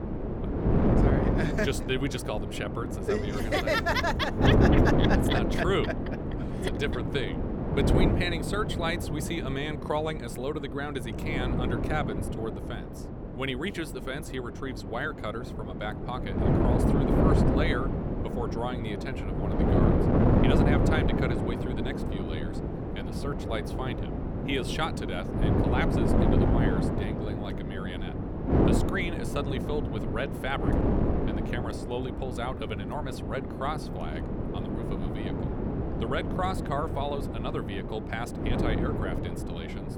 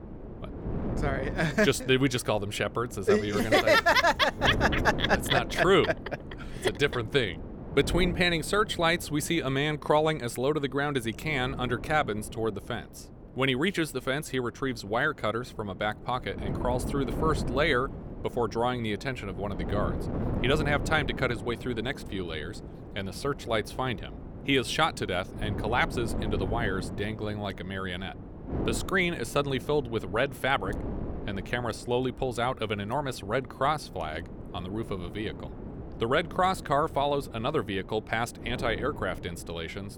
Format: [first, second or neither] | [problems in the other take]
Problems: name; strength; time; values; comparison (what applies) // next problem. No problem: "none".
second | wind noise on the microphone; heavy; as loud as the speech; occasional gusts in the second